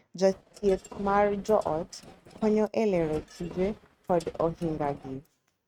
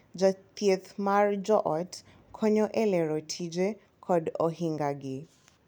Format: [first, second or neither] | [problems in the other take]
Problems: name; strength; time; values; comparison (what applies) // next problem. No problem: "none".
second | noise reduction (neural mask model RNNoise)